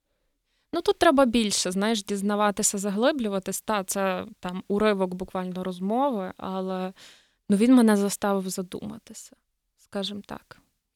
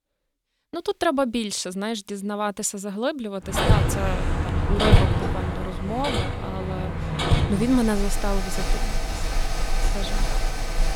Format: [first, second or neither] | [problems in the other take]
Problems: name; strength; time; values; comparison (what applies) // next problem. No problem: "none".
first | machinery noise; very loud; from 3.5 s on; 2 dB above the speech